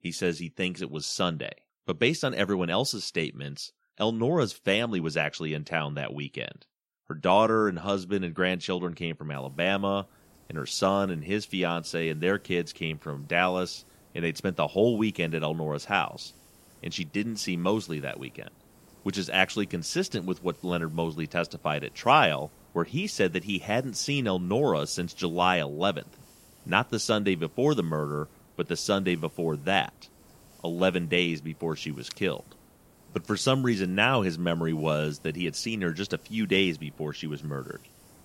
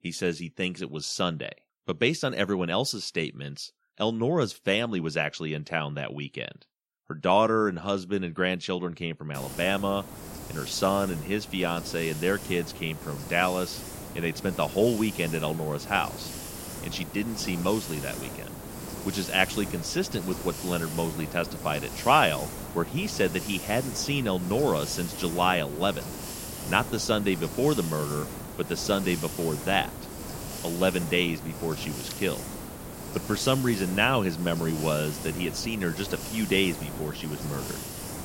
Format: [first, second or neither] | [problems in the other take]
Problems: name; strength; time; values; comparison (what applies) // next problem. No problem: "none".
first | hiss; loud; from 9.5 s on; 9 dB below the speech; faint in the first